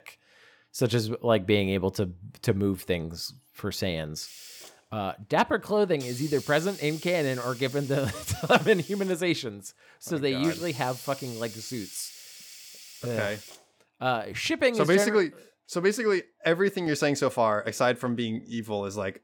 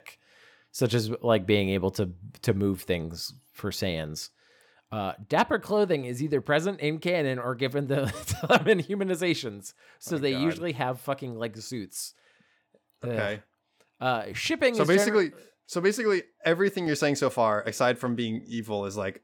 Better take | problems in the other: second | hiss; noticeable; from 4.5 to 14 s; 15 dB below the speech

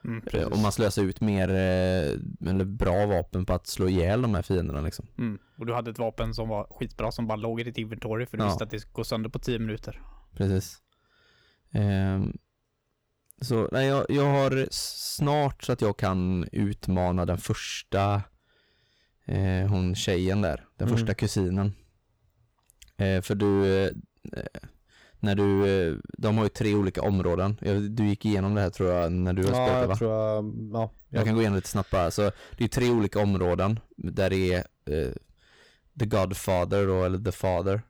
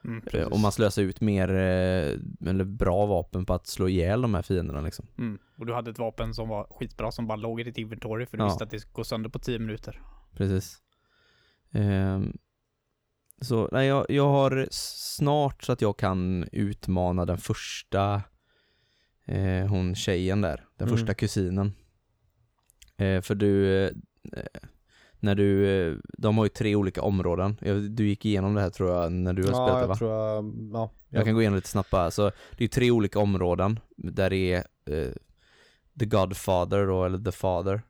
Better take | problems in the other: second | distortion; slight; 6% of the sound clipped

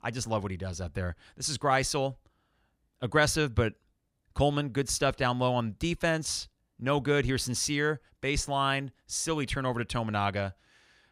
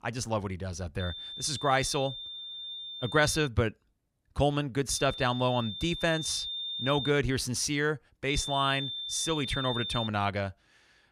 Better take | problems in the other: first | high-pitched whine; loud; from 1 to 3.5 s, from 5 to 7 s and from 8.5 to 10 s; 3.5 kHz, 6 dB below the speech

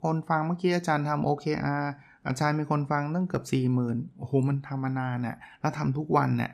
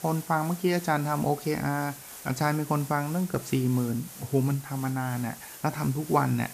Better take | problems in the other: first | hiss; noticeable; throughout; 15 dB below the speech

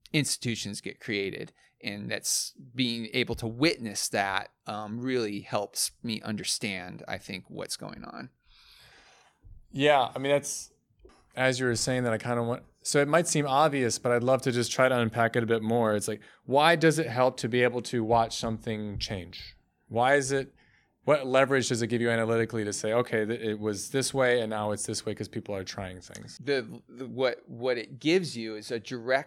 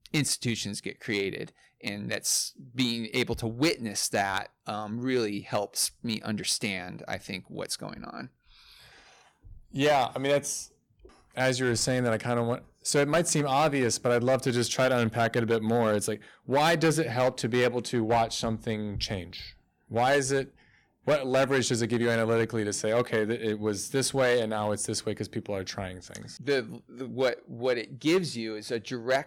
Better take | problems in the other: first | distortion; slight; 4% of the sound clipped

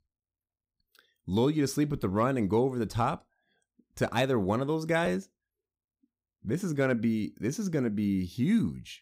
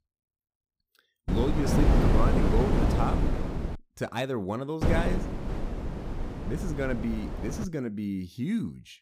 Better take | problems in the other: first | wind noise on the microphone; heavy; from 1.5 to 4 s and from 5 to 7.5 s; as loud as the speech

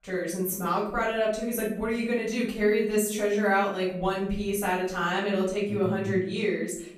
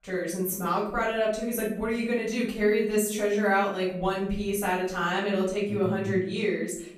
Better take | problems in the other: neither | room echo; noticeable; dies away in 0.6 s; the same in both // off-mic speech; far; the same in both

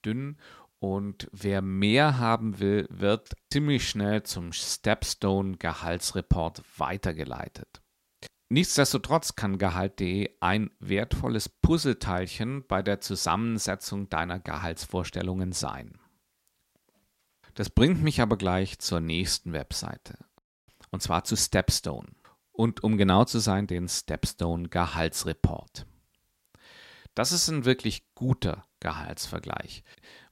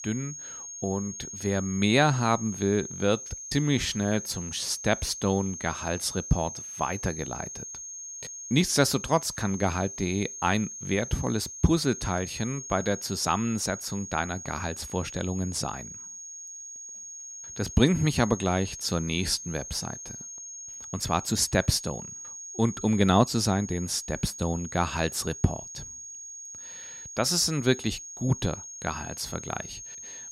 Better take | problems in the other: first | high-pitched whine; noticeable; throughout; 6.5 kHz, 10 dB below the speech

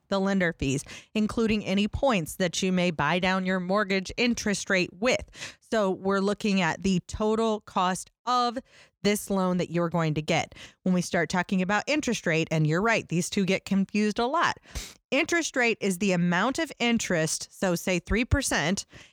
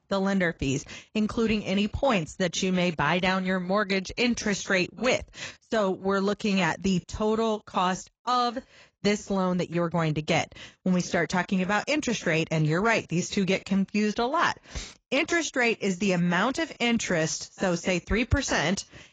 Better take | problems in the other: first | garbled, watery; badly; nothing above 7.5 kHz

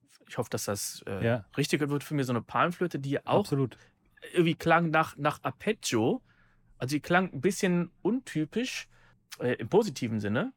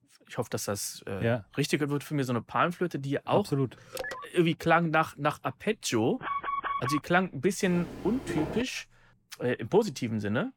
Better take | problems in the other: first | phone ringing; noticeable; at 4 s; peak 8 dB below the speech // alarm; noticeable; at 6 s; peak 2 dB below the speech // footsteps; noticeable; at 7.5 s; peak 5 dB below the speech

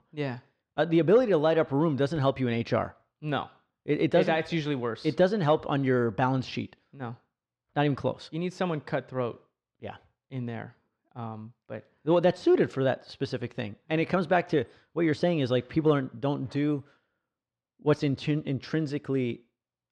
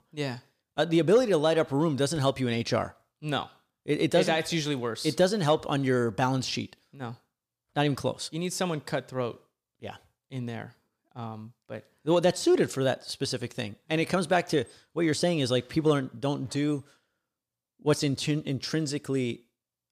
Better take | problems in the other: second | muffled; slightly; fading above 2.5 kHz

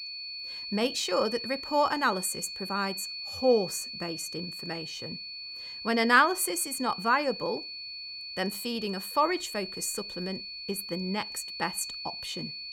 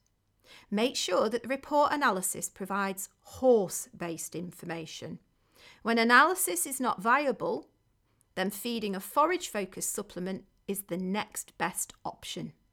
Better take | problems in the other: second | high-pitched whine; loud; throughout; 4.5 kHz, 7 dB below the speech

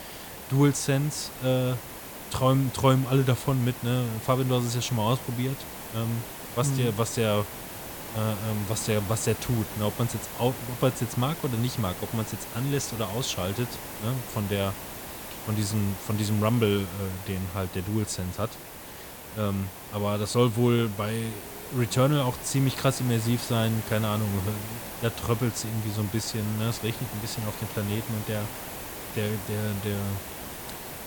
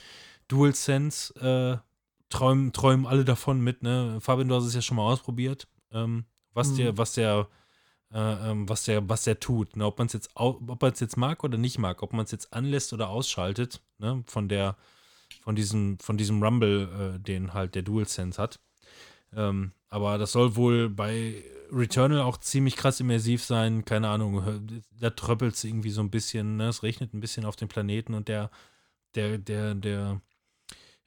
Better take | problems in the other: second | hiss; loud; throughout; 9 dB below the speech

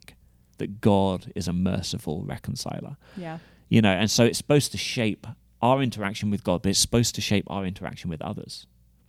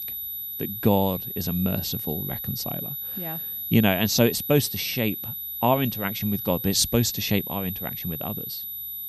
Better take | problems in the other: first | high-pitched whine; loud; throughout; 12 kHz, 5 dB below the speech

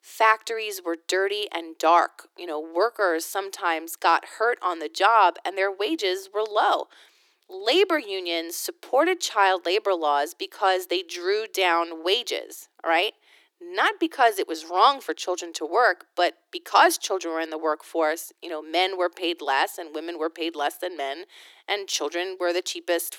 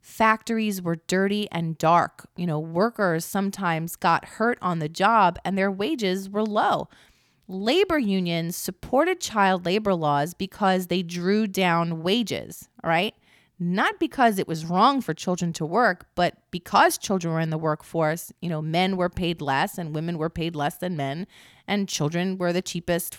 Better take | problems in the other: second | thin; very; fading below 300 Hz

